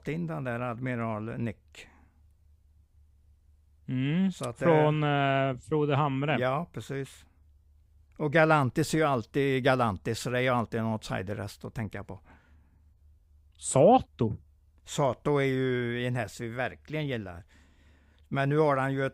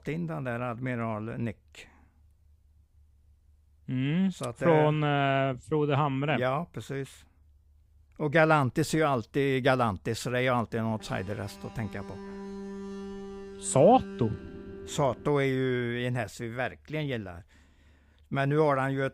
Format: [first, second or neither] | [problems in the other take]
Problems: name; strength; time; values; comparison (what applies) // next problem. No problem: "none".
first | alarm; faint; from 11 to 15 s; peak 10 dB below the speech